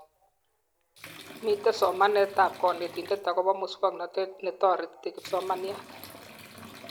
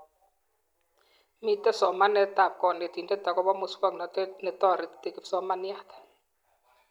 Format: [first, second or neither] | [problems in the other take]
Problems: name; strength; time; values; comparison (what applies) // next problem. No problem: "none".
second | background sound (Bathtub (filling or washing) / Liquid); 19 dB below the speech